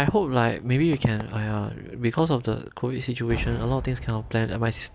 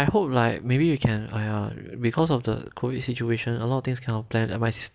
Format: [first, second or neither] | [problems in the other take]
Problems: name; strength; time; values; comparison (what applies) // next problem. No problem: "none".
second | background sound (Cheering / Fireworks); 13 dB below the speech